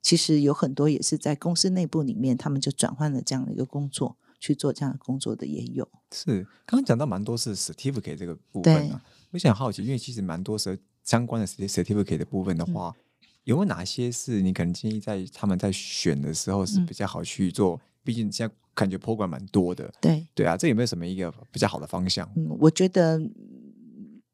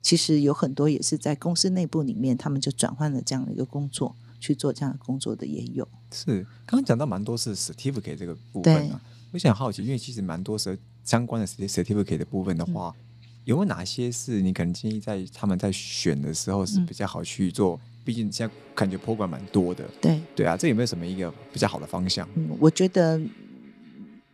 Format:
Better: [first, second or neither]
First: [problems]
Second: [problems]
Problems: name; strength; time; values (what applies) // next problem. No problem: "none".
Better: first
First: none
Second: machinery noise; faint; throughout; 25 dB below the speech